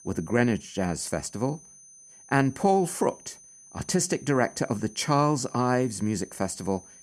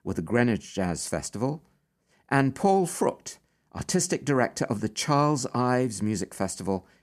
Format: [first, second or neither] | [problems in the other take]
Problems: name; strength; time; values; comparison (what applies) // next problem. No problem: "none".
second | high-pitched whine; faint; throughout; 6 kHz, 20 dB below the speech